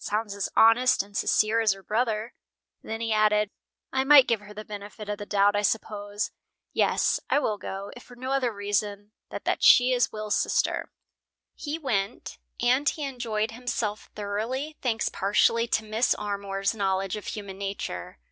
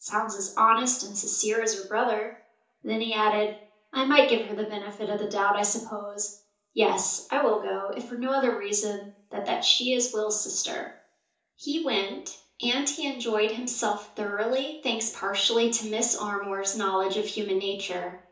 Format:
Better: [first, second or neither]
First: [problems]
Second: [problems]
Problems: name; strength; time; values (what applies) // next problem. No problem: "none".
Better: first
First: none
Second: room echo; dies away in 0.6 s